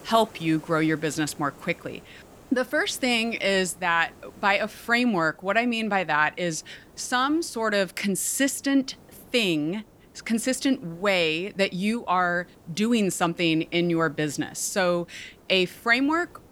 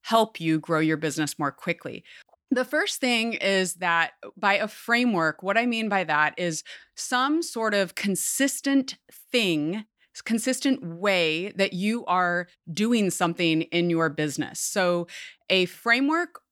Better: second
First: hiss; faint; throughout; 25 dB below the speech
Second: none

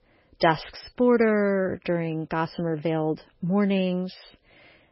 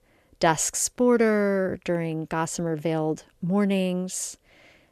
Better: second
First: garbled, watery; badly; nothing above 5.5 kHz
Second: none

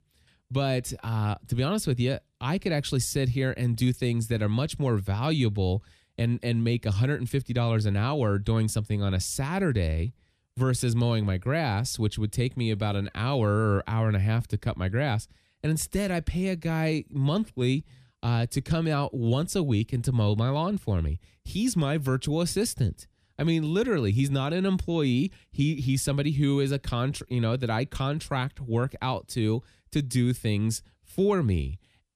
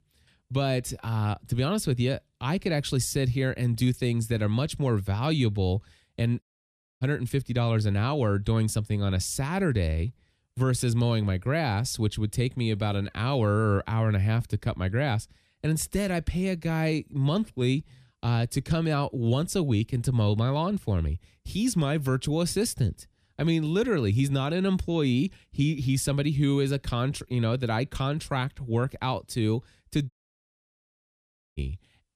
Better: first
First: none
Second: audio cutting out; at 6.5 s for 0.5 s and at 30 s for 1.5 s

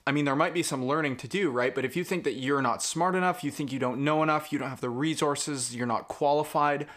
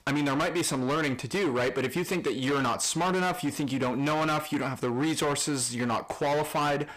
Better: first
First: none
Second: distortion; heavy; 22% of the sound clipped

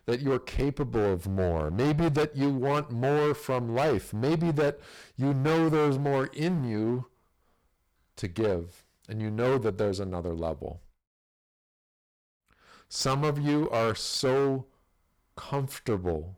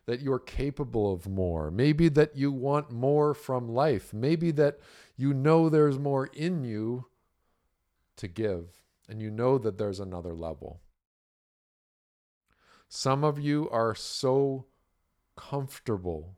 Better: second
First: distortion; heavy; 14% of the sound clipped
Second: none

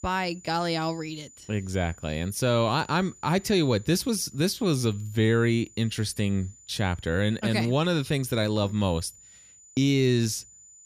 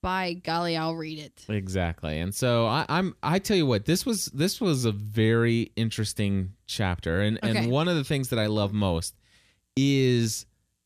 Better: second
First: high-pitched whine; faint; throughout; 7 kHz, 25 dB below the speech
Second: none

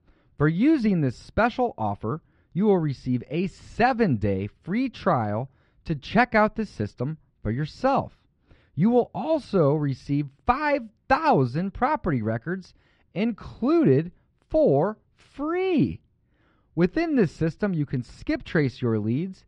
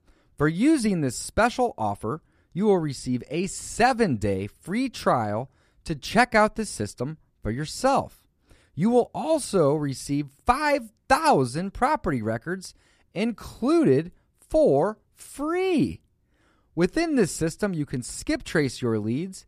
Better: second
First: muffled; slightly; fading above 4 kHz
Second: none

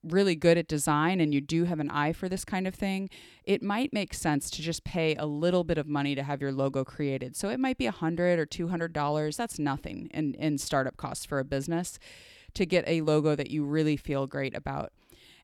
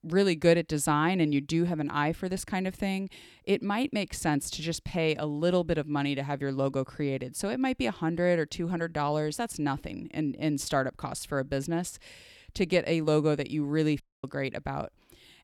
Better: first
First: none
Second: audio cutting out; at 14 s

